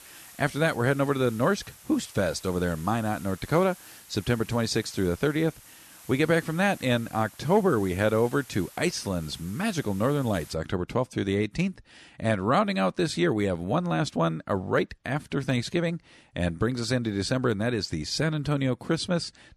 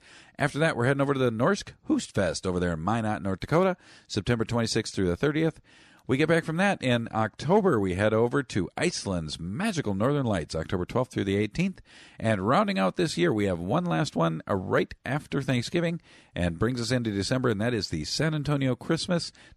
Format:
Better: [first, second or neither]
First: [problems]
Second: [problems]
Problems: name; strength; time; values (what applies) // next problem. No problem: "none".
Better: second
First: hiss; faint; until 11 s; 20 dB below the speech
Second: none